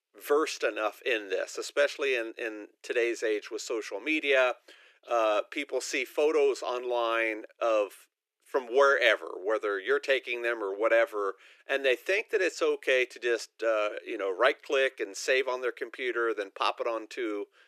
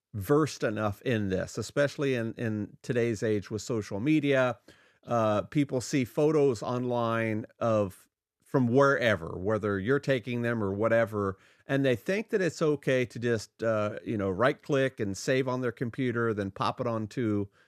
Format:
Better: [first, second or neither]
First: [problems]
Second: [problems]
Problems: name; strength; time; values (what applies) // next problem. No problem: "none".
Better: second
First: thin; very; fading below 350 Hz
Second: none